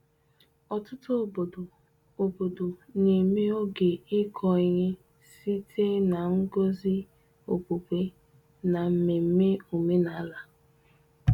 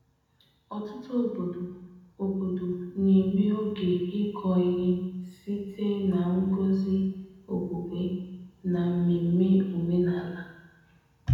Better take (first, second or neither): first